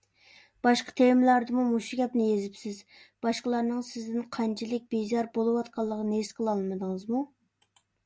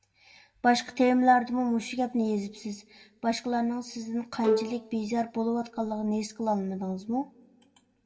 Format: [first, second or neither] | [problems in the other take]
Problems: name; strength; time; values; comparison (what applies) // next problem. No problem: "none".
first | background sound (Bowed string instrument); 2 dB below the speech // room echo; dies away in 0.3 s